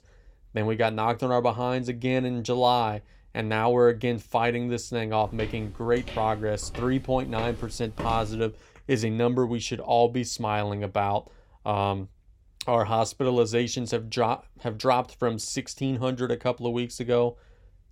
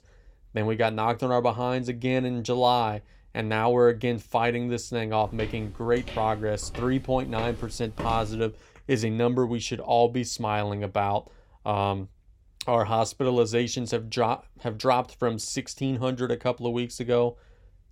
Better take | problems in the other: neither | footsteps; noticeable; from 5 to 8.5 s; peak 8 dB below the speech; the same in both

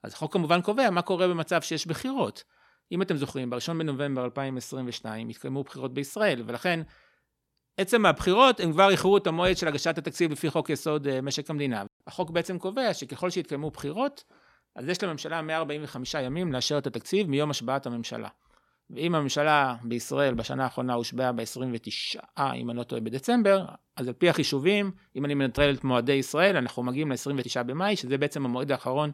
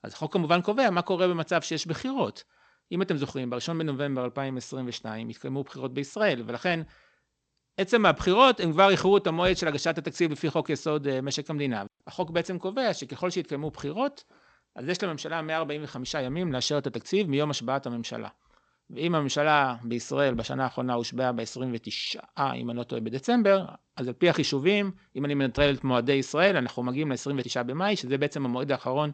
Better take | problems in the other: first | garbled, watery; slightly; nothing above 7.5 kHz

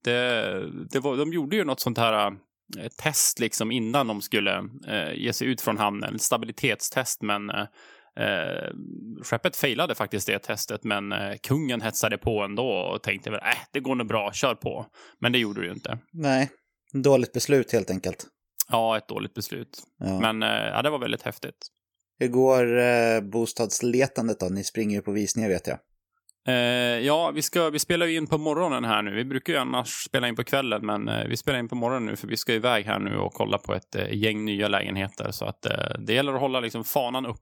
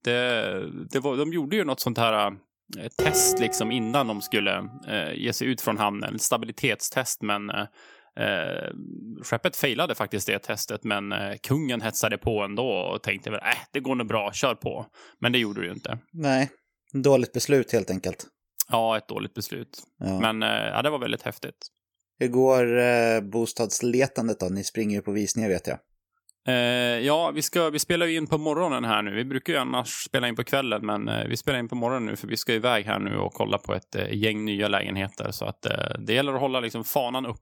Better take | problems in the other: first | clattering dishes; loud; at 3 s; peak 1 dB above the speech

